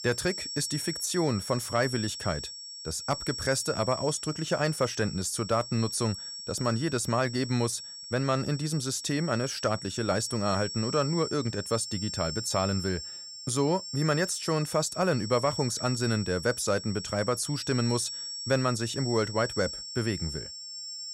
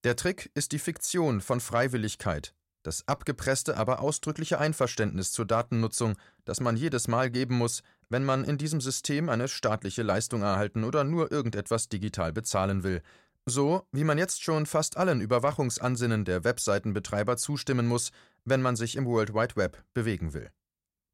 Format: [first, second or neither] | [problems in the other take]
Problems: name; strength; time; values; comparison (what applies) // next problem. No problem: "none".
second | high-pitched whine; loud; throughout; 5.5 kHz, 7 dB below the speech